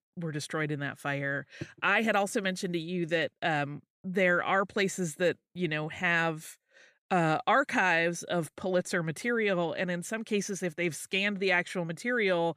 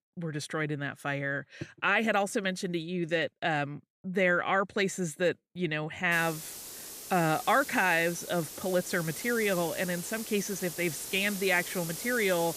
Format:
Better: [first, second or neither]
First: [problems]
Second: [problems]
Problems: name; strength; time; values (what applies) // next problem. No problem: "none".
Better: first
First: none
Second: hiss; loud; from 6 s on; 9 dB below the speech